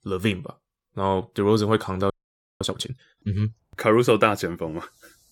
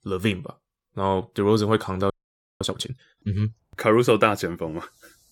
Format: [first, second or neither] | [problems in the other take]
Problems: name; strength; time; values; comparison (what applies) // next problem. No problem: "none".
neither | audio freezing; at 2 s for 0.5 s; the same in both